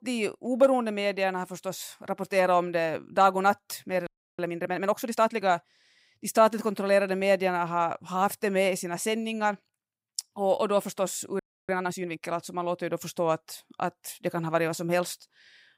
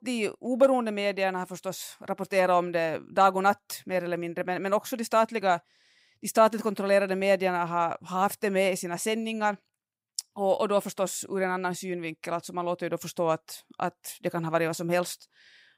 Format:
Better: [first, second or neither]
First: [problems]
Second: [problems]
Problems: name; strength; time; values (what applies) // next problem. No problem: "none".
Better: second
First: audio freezing; at 4 s and at 11 s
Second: none